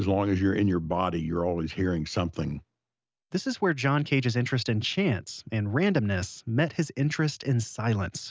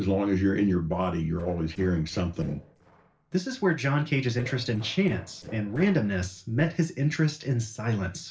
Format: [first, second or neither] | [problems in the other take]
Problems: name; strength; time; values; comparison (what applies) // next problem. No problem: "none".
first | noise reduction (neural separator model SepFormer DNS4)